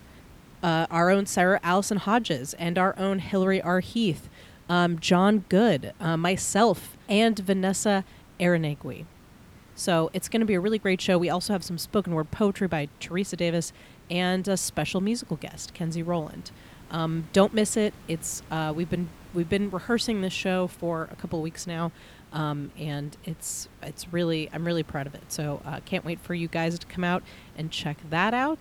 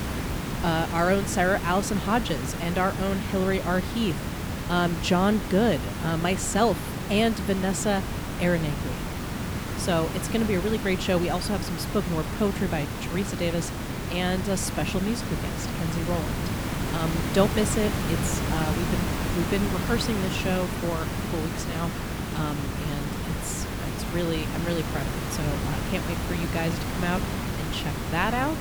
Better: first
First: hiss; faint; throughout; 25 dB below the speech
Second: hiss; loud; throughout; 3 dB below the speech

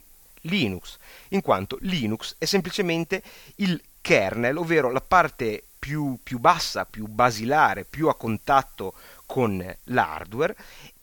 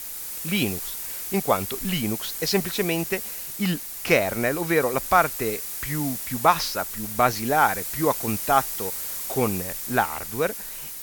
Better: first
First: hiss; faint; throughout; 25 dB below the speech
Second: hiss; loud; throughout; 5 dB below the speech

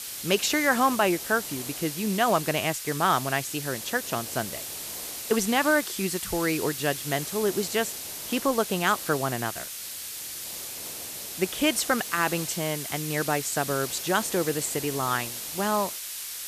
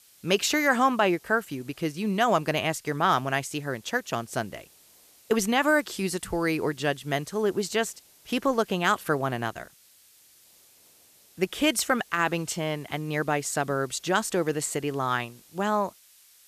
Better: second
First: hiss; loud; throughout; 6 dB below the speech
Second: hiss; faint; throughout; 25 dB below the speech

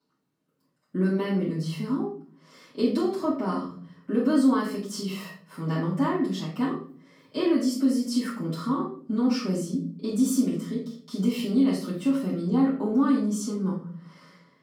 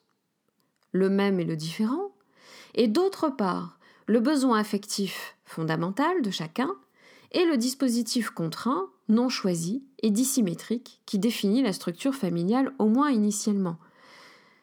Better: second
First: room echo; noticeable; dies away in 0.9 s // off-mic speech; far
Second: none

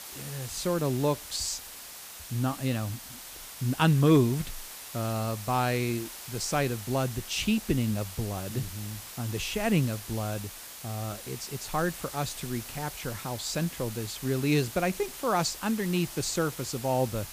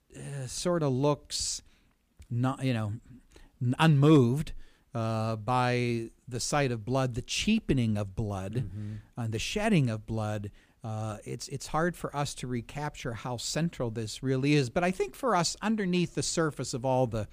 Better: second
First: hiss; noticeable; throughout; 10 dB below the speech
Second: none

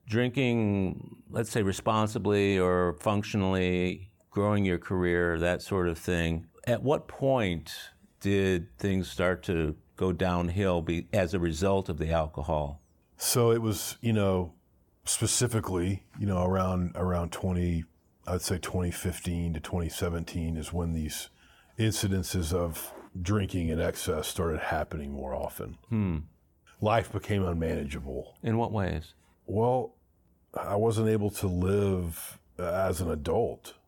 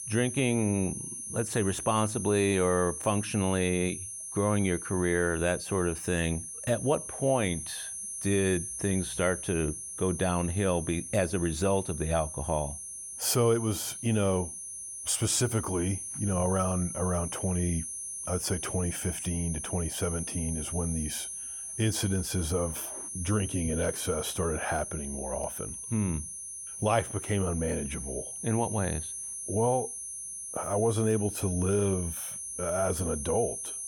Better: first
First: none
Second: high-pitched whine; loud; throughout; 10.5 kHz, 6 dB below the speech

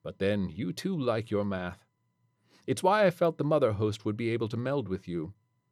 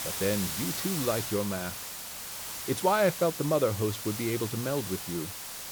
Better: first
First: none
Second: hiss; loud; throughout; 5 dB below the speech

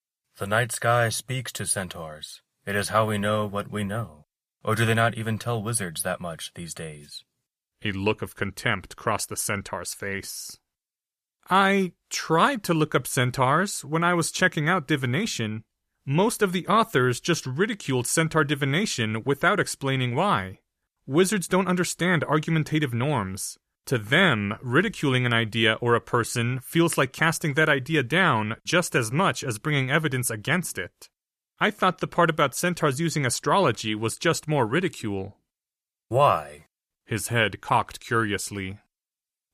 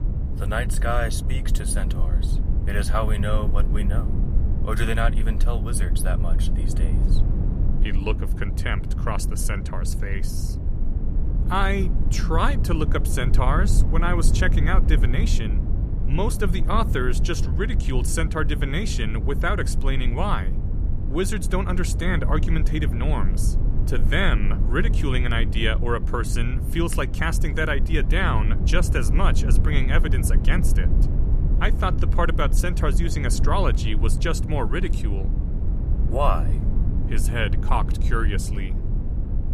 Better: first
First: none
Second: low rumble; noticeable; throughout; 10 dB below the speech

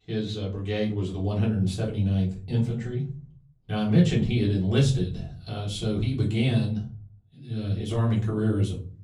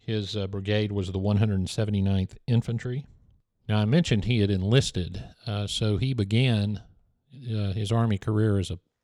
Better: second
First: off-mic speech; far // room echo; slight; dies away in 0.4 s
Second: none

